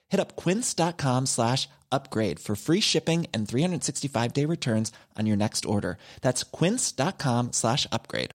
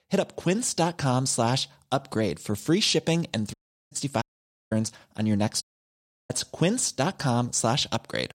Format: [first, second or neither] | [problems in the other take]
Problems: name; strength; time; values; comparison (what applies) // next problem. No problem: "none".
first | audio cutting out; at 3.5 s, at 4 s and at 5.5 s for 0.5 s